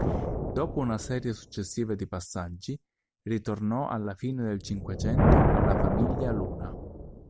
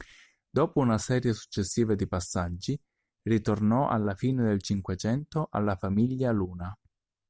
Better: second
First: background sound (Thunder); 4 dB above the speech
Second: none

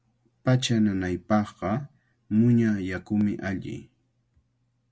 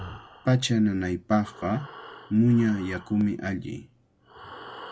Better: first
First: none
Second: background sound (Breathing); 19 dB below the speech

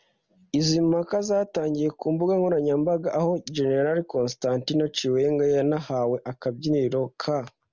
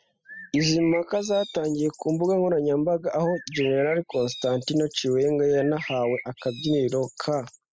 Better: first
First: none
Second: noise reduction (classical method spectral subtraction)

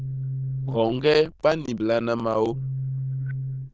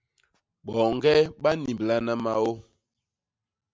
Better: second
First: noise reduction (neural diffusion model UNIVERSE++)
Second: none

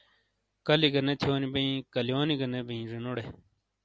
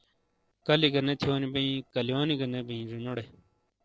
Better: first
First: none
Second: noise reduction (neural separator model SepFormer DNS4)

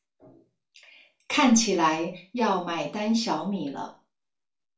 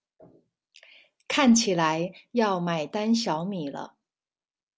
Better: second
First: room echo; dies away in 0.3 s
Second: none

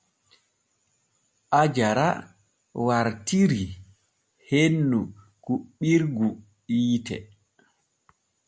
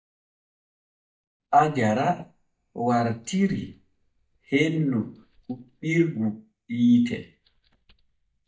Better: first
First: none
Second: noise reduction (neural mask model DeepFilterNet 3)

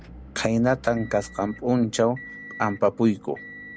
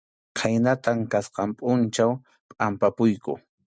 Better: second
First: background sound (Motor vehicle (road) / Engine); 18 dB below the speech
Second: none

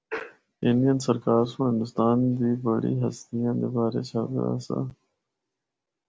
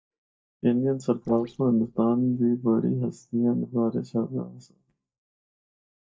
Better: first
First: none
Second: noise reduction (neural mask model DeepFilterNet 3)

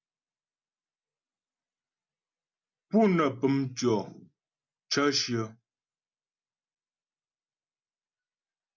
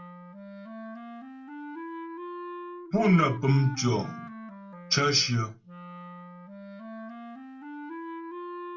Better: first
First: none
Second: background sound (Wind instrument, woodwind instrument); 10 dB below the speech // room echo; dies away in 0.2 s

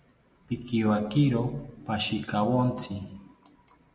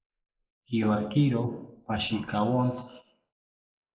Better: first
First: none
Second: noise reduction (neural mask model Resemble Enhance denoiser)

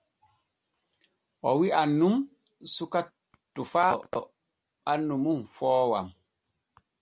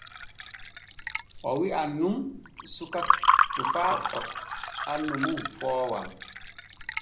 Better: first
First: none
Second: background sound (Fill (with liquid) / Water); 2 dB above the speech // room echo; dies away in 0.5 s

